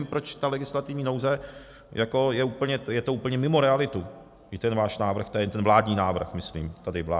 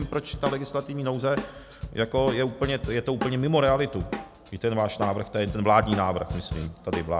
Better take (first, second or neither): first